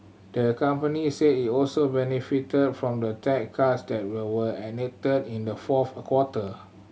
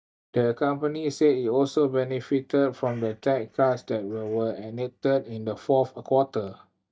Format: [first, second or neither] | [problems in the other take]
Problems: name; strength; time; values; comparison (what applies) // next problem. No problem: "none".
first | noise reduction (neural mask model DeepFilterNet 3)